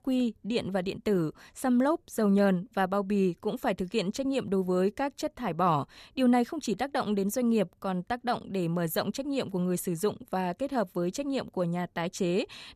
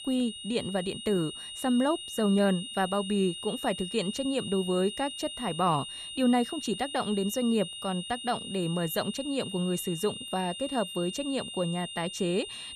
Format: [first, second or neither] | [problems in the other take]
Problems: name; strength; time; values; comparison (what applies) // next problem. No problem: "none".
first | high-pitched whine; loud; throughout; 3 kHz, 8 dB below the speech